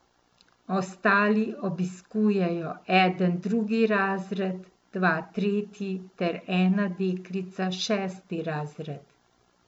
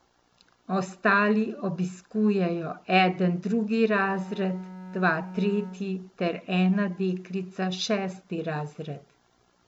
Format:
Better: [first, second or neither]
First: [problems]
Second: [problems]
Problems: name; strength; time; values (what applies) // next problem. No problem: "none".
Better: first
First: none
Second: background sound (Bowed string instrument); 13 dB below the speech